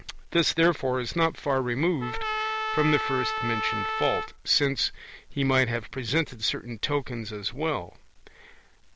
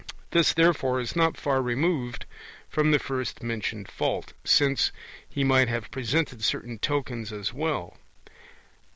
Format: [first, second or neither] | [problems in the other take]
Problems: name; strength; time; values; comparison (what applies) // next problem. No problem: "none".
second | background sound (Trumpet); 4 dB below the speech